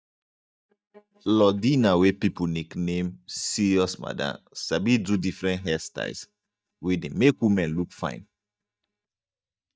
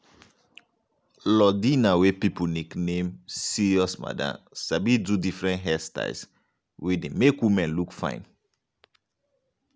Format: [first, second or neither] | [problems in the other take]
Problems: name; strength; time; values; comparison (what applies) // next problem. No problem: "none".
second | noise reduction (neural mask model DeepFilterNet 3)